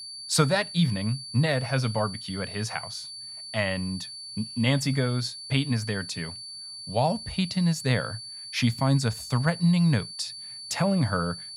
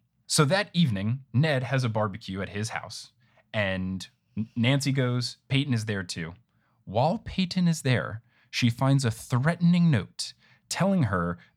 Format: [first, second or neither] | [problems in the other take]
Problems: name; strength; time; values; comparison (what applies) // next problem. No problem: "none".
second | high-pitched whine; noticeable; throughout; 4.5 kHz, 10 dB below the speech